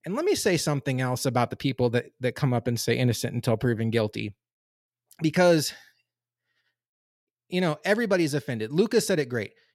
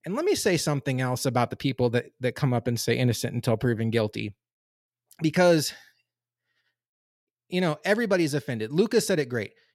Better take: neither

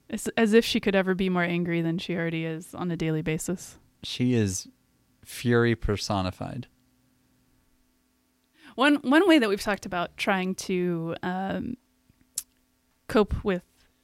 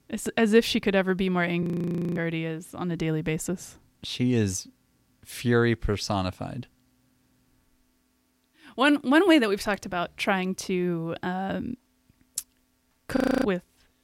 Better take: first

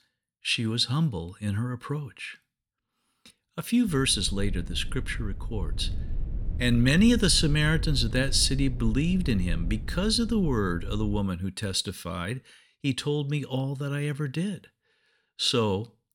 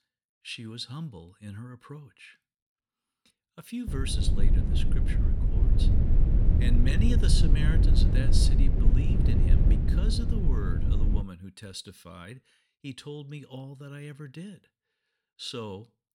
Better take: first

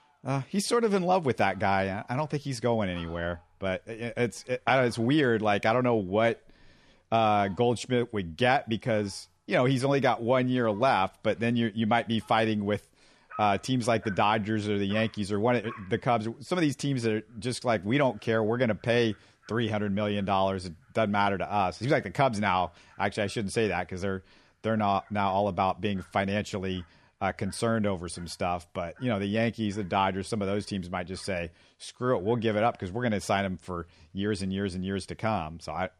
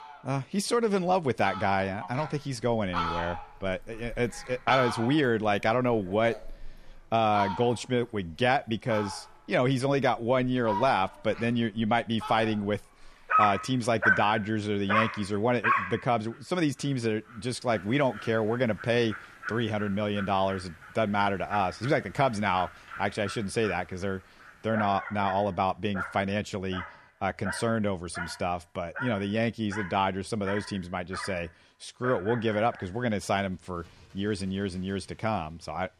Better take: first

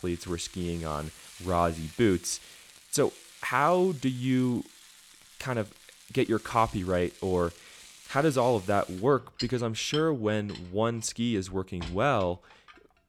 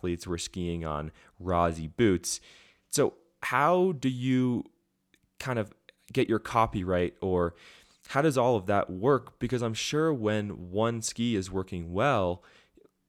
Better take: second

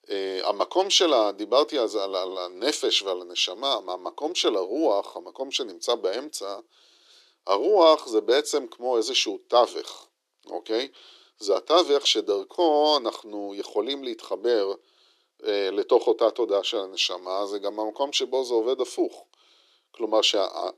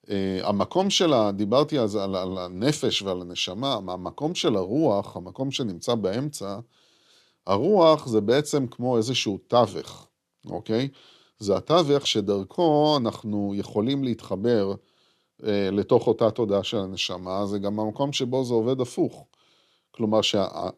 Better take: second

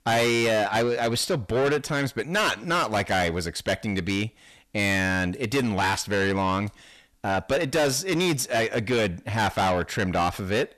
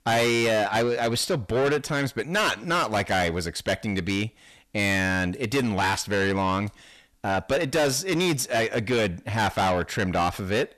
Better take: neither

